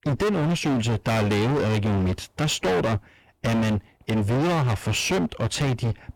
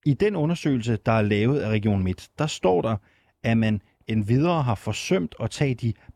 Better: second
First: distortion; heavy; 36% of the sound clipped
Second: none

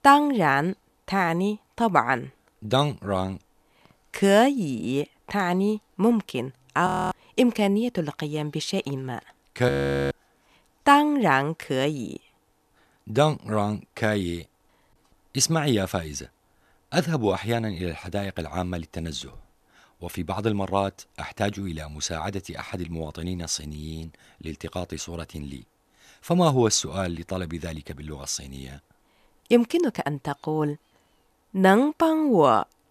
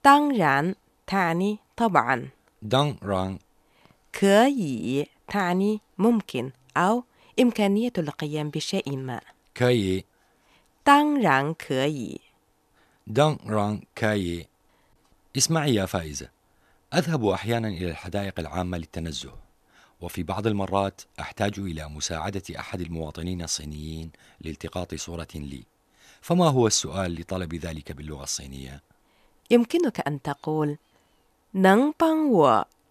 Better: second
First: audio freezing; at 7 s and at 9.5 s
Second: none

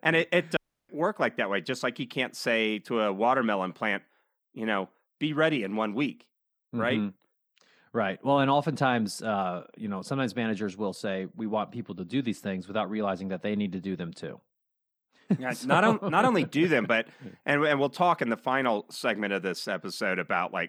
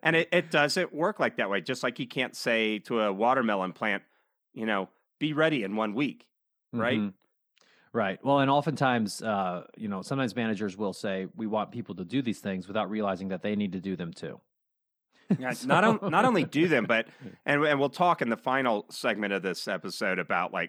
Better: second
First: audio cutting out; at 0.5 s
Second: none

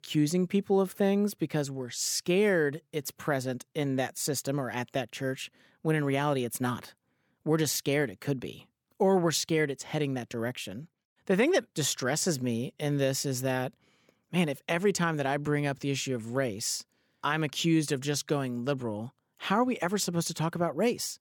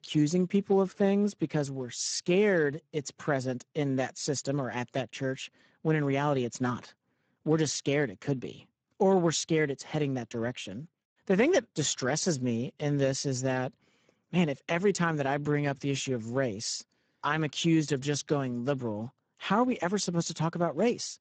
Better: first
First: none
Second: garbled, watery; badly; nothing above 7.5 kHz

